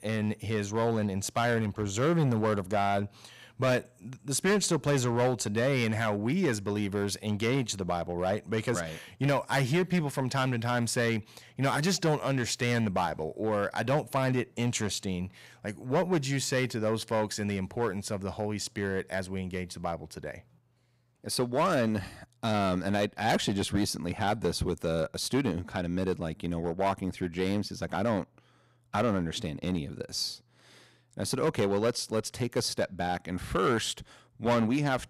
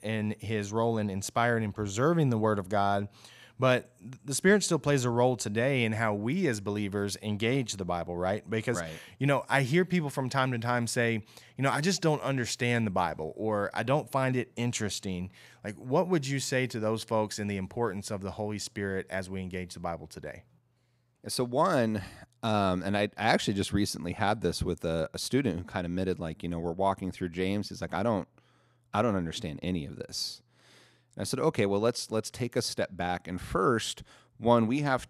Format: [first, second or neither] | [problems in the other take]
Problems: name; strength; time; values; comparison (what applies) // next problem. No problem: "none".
second | distortion; slight; 5% of the sound clipped